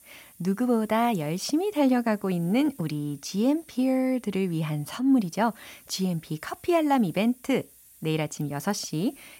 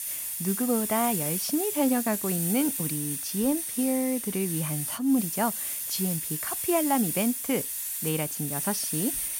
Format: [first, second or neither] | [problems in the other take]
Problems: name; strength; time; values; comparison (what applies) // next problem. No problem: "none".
first | hiss; loud; throughout; 1 dB below the speech; faint in the first